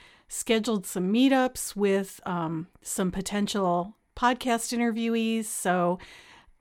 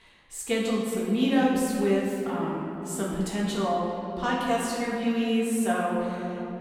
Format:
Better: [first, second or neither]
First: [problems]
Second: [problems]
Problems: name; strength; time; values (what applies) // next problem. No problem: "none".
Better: first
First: none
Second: off-mic speech; far // room echo; noticeable; dies away in 2.6 s